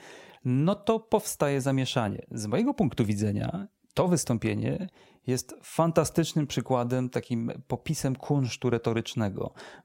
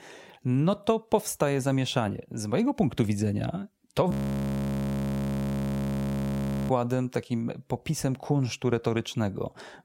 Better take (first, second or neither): first